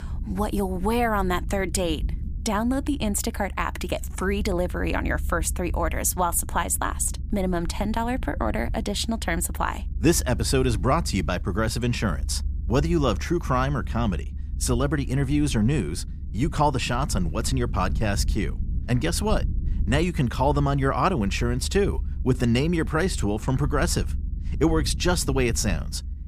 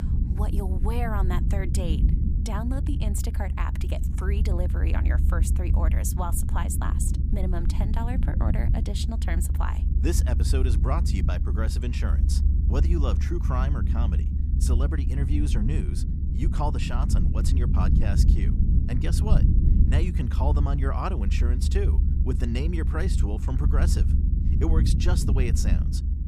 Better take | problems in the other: first | low rumble; loud; throughout; 5 dB below the speech; faint in the first

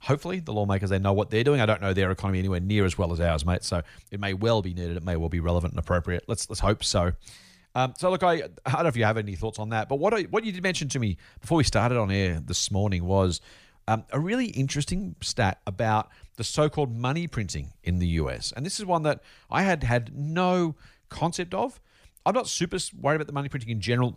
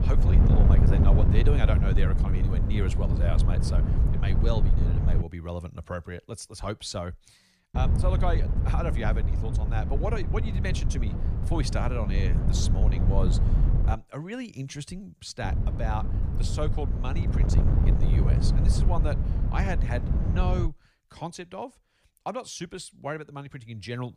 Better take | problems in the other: first | wind noise on the microphone; heavy; until 5 s, from 8 to 14 s and from 15 to 21 s; 3 dB below the speech

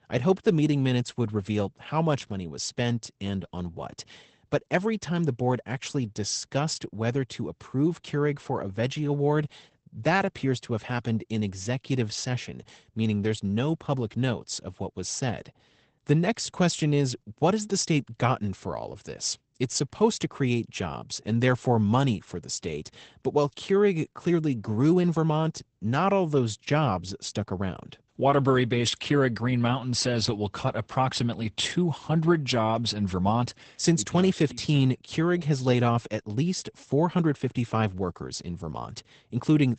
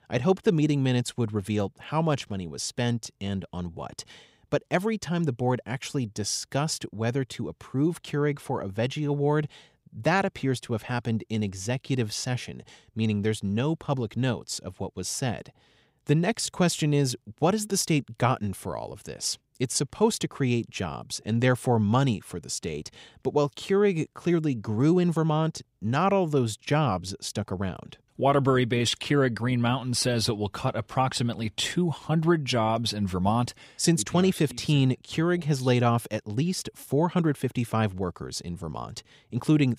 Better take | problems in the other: second | garbled, watery; badly; nothing above 8 kHz

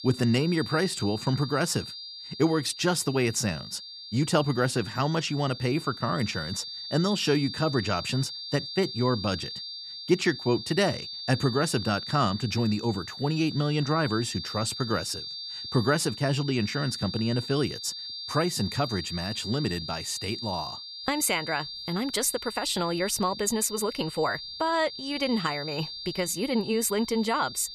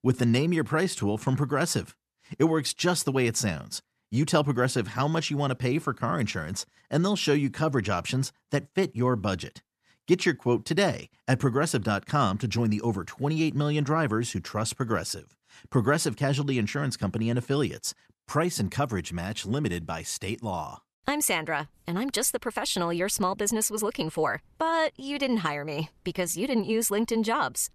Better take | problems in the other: second | high-pitched whine; loud; throughout; 4.5 kHz, 8 dB below the speech

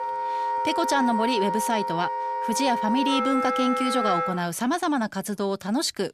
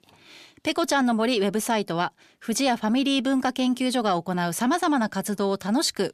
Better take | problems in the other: second | background music; loud; until 4.5 s; 1 dB below the speech

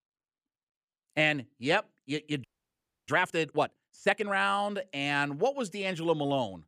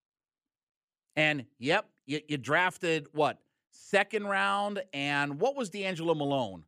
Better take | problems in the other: second | audio freezing; at 2.5 s for 0.5 s

